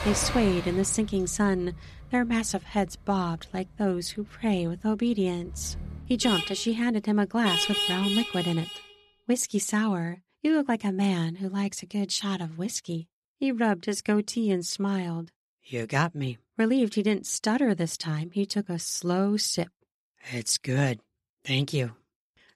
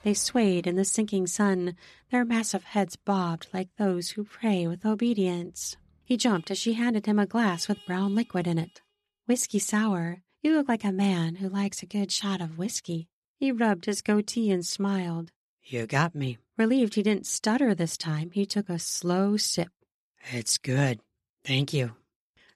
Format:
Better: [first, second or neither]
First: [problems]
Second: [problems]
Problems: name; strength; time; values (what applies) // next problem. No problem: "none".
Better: second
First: traffic noise; loud; until 8.5 s; 4 dB below the speech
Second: traffic noise; faint; until 8.5 s; 30 dB below the speech